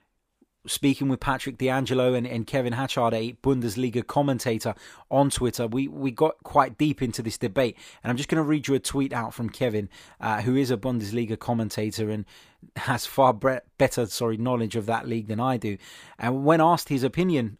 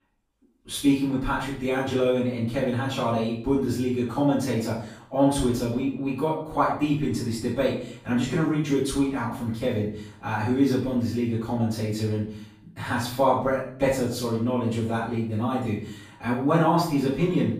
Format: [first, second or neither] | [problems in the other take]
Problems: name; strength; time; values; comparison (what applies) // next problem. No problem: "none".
first | off-mic speech; far // room echo; noticeable; dies away in 0.5 s